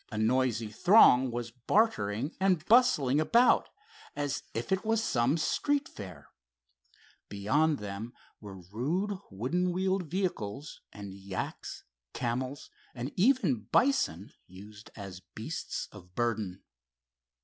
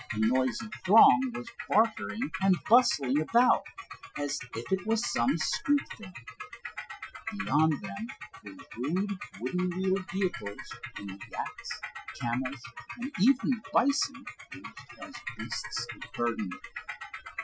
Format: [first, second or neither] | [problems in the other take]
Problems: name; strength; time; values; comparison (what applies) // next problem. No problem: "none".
first | noise reduction (classical method Wiener filter)